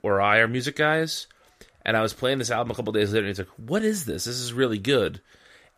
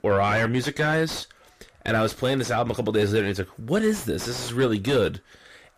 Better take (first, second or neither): first